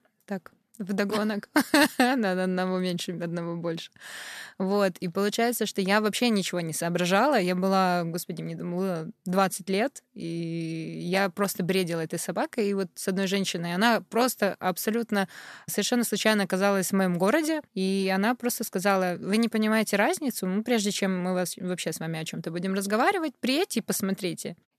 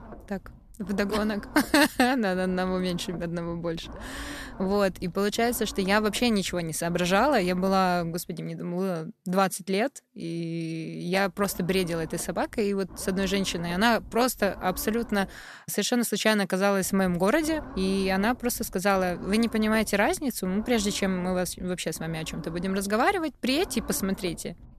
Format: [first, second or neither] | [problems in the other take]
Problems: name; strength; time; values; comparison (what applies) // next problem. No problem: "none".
first | low rumble; noticeable; until 8.5 s, from 11 to 15 s and from 17 s on; 20 dB below the speech